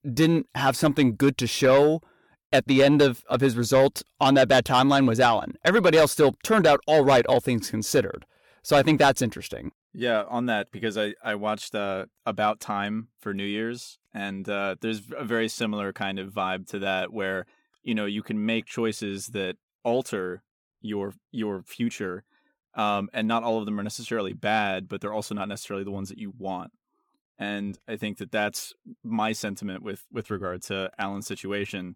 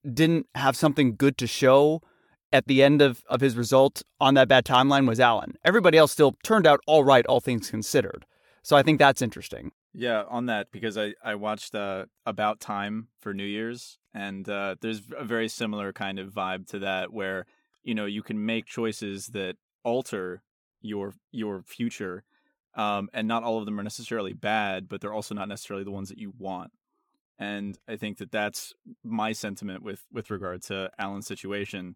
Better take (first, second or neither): second